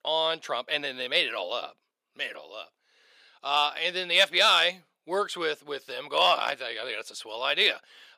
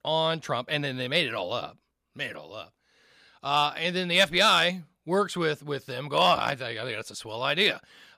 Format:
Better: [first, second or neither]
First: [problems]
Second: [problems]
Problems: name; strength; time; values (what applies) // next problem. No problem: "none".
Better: second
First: thin; somewhat; fading below 450 Hz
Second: none